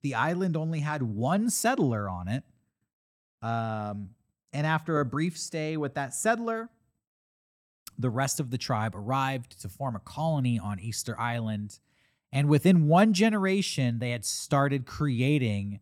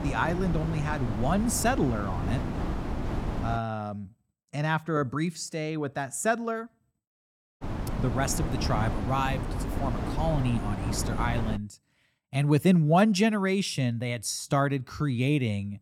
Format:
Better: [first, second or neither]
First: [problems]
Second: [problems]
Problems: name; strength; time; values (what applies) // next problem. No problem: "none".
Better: first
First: none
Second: wind noise on the microphone; heavy; until 3.5 s and from 7.5 to 12 s; 8 dB below the speech